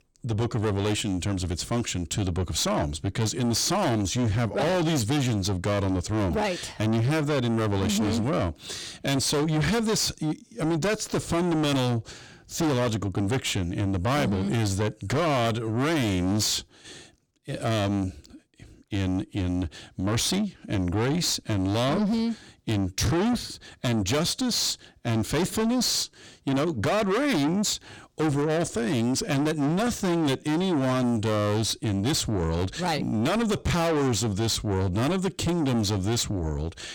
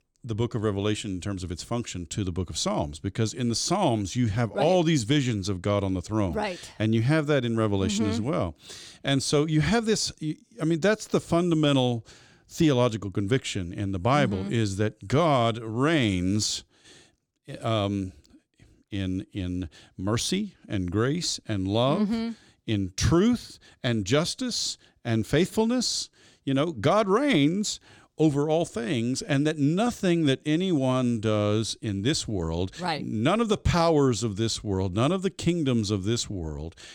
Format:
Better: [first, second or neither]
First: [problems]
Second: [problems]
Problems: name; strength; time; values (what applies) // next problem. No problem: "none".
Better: second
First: distortion; heavy; 6 dB below the speech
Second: none